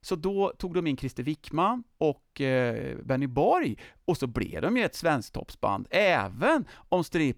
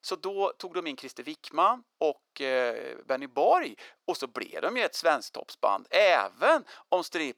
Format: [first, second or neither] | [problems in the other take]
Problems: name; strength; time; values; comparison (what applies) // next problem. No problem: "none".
first | thin; very; fading below 400 Hz